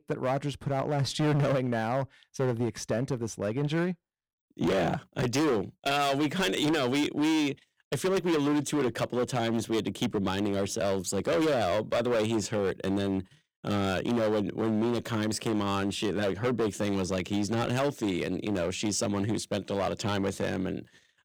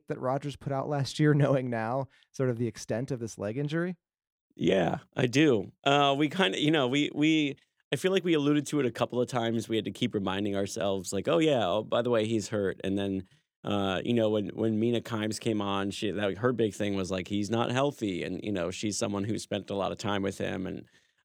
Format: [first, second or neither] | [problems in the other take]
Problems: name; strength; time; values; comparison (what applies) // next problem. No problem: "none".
second | distortion; heavy; 14% of the sound clipped